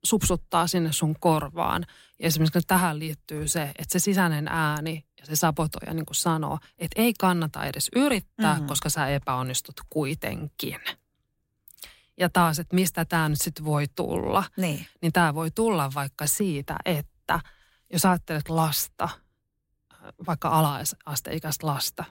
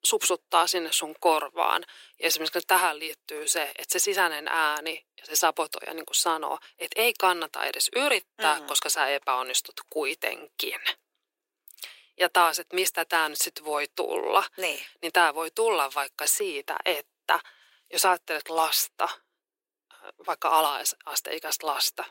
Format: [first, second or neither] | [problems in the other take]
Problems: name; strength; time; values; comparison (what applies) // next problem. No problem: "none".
first | thin; very; fading below 350 Hz